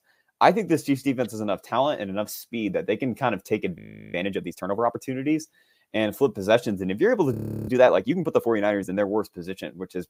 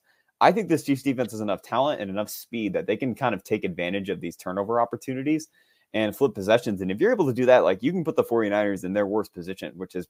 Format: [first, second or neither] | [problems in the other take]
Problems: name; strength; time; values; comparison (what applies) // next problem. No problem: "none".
second | audio freezing; at 4 s and at 7.5 s